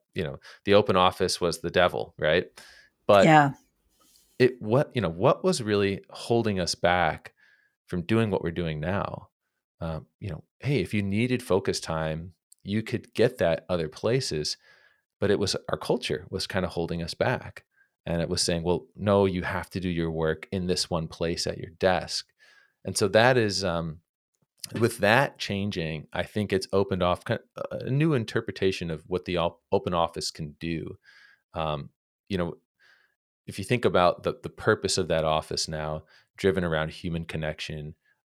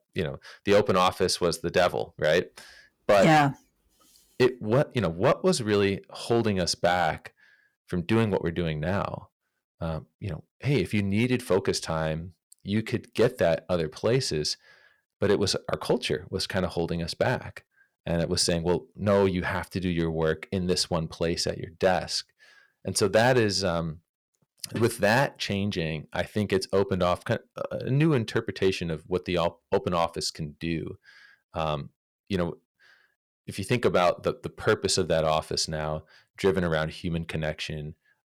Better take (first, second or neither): first